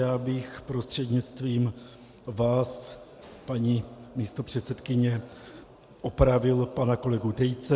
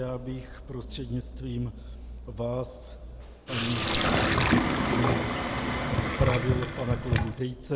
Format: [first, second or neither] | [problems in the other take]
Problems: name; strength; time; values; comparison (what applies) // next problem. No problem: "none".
first | background sound (Sink (filling or washing)); 4 dB above the speech